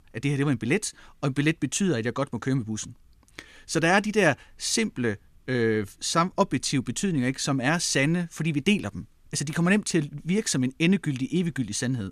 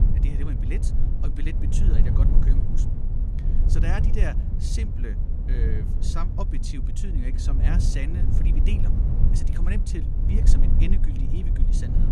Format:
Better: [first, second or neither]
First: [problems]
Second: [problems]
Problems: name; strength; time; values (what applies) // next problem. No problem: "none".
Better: first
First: none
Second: low rumble; loud; throughout; 1 dB below the speech